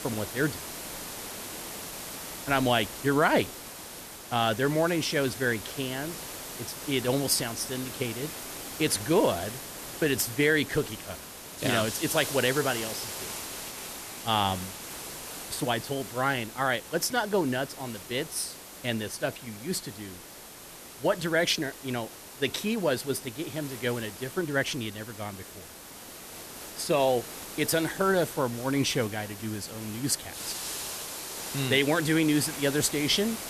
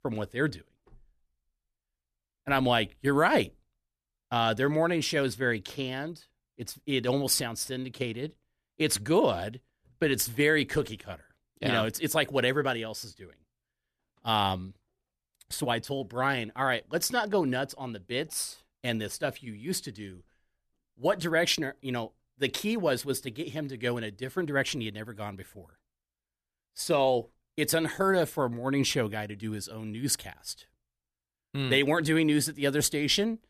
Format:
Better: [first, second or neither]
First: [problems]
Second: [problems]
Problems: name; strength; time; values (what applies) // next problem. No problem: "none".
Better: second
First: hiss; loud; throughout; 10 dB below the speech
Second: none